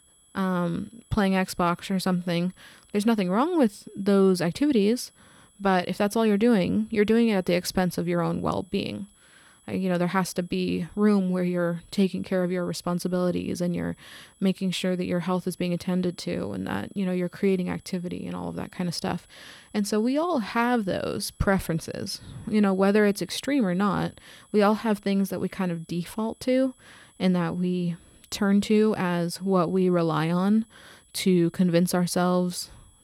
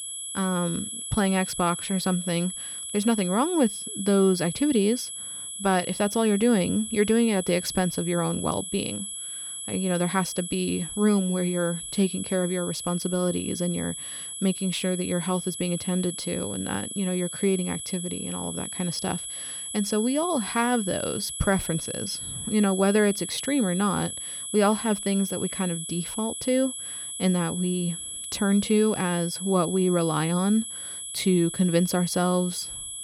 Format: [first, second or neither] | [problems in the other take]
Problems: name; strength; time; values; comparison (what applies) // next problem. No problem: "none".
first | high-pitched whine; loud; throughout; 11 kHz, 6 dB below the speech; faint in the first